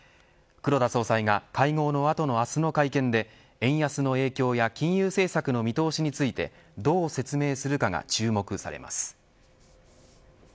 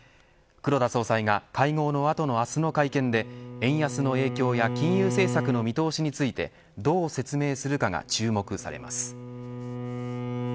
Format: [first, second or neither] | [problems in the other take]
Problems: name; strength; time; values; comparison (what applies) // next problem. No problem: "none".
first | background sound (Bowed string instrument); 9 dB below the speech